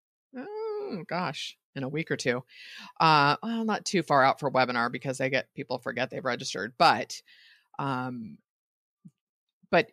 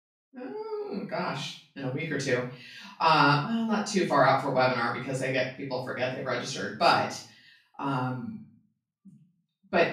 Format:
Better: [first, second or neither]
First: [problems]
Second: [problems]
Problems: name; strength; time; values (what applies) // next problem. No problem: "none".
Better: first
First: none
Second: off-mic speech; far // room echo; noticeable; dies away in 0.4 s